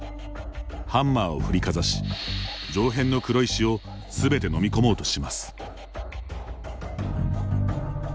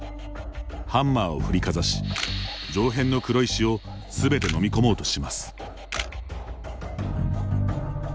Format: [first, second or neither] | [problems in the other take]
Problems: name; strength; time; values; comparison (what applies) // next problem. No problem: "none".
first | background sound (Camera); 13 dB below the speech